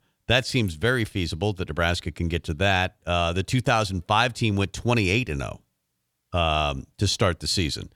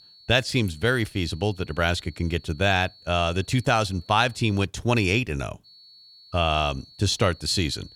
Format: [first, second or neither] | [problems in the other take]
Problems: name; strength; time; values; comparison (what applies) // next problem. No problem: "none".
first | high-pitched whine; faint; until 4.5 s and from 5.5 s on; 4.5 kHz, 25 dB below the speech